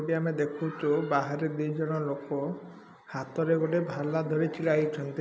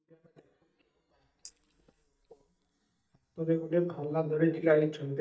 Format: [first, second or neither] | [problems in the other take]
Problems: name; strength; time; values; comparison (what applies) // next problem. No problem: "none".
first | noise reduction (neural mask model DeepFilterNet 3)